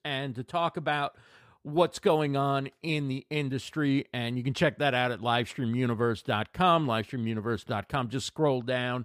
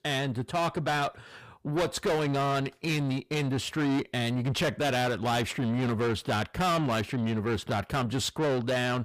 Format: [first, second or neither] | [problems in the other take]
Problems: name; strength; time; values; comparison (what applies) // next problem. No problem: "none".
first | distortion; heavy; 6 dB below the speech